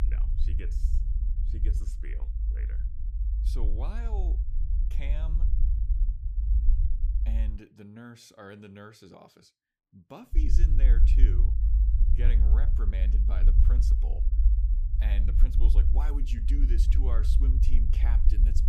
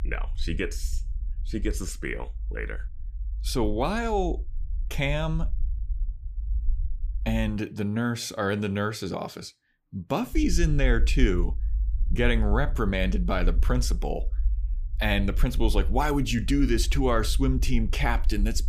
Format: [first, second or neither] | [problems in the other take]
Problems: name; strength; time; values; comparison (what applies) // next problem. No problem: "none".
second | low rumble; loud; until 7.5 s and from 10 s on; 2 dB below the speech; faint in the second